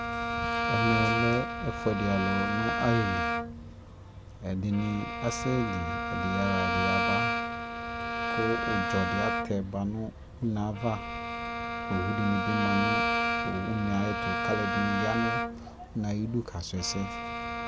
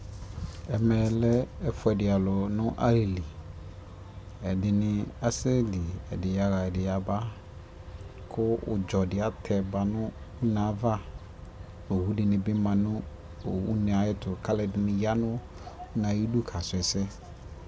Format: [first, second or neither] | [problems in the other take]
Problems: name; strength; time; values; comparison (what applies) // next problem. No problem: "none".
second | background sound (Bowed string instrument); as loud as the speech